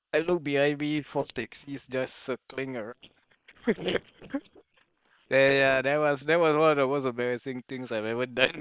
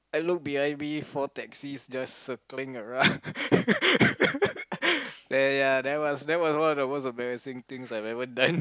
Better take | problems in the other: second | noise reduction (neural separator model SepFormer WHAM!)

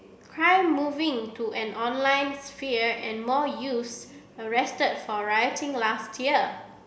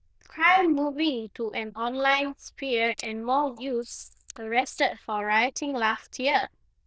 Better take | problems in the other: first | noise reduction (neural diffusion model UNIVERSE++)

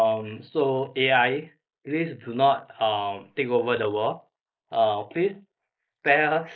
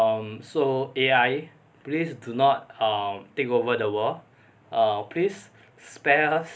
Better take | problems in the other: second | noise reduction (neural mask model Resemble Enhance denoiser)

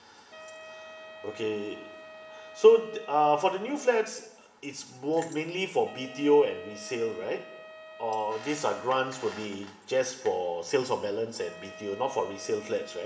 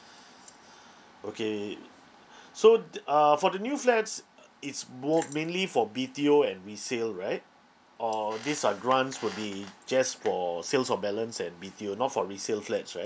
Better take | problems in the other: second | background sound (Wind instrument, woodwind instrument); 19 dB below the speech // room echo; dies away in 0.8 s

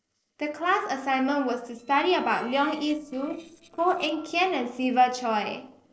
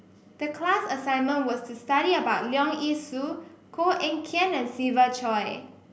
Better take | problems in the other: second | noise reduction (neural separator model SepFormer DNS4)

